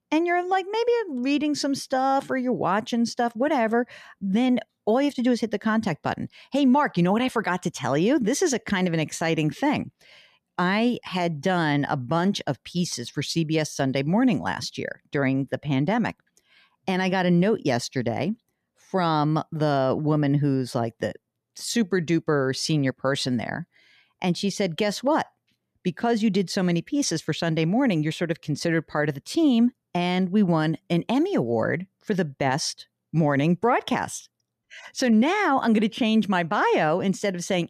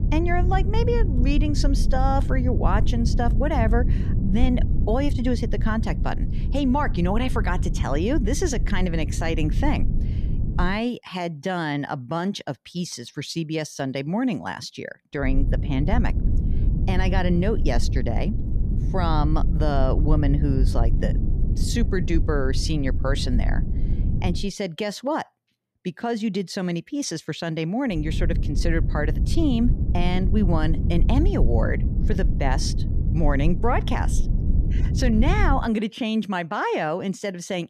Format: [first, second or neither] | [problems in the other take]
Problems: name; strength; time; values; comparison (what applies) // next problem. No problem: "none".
first | low rumble; noticeable; until 11 s, from 15 to 24 s and from 28 to 36 s; 10 dB below the speech